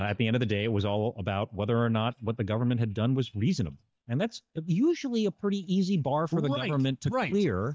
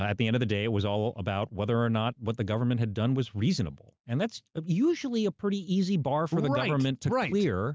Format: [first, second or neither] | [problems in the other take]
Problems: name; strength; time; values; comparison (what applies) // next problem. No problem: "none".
second | noise reduction (neural mask model DeepFilterNet 3)